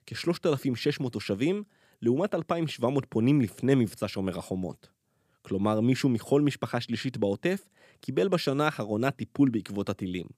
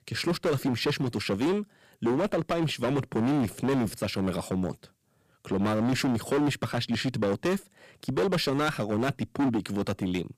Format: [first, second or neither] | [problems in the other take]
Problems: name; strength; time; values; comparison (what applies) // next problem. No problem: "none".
first | distortion; heavy; 15% of the sound clipped